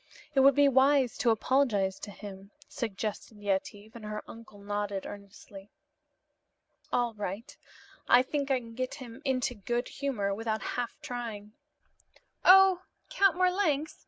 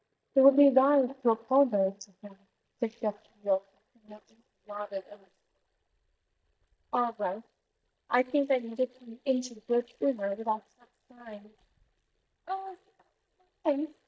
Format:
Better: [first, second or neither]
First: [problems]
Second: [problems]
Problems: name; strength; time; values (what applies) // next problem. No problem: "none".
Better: first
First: none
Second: noise reduction (neural mask model DeepFilterNet 3)